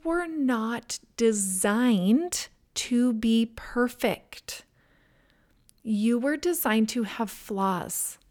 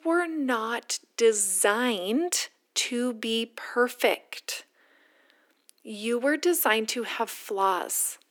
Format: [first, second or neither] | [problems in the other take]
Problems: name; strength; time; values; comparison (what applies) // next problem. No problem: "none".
first | thin; somewhat; fading below 300 Hz